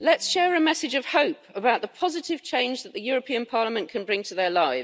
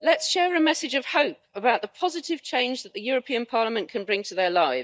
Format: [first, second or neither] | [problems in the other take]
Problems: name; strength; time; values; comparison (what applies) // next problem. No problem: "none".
first | noise reduction (neural mask model DeepFilterNet 3)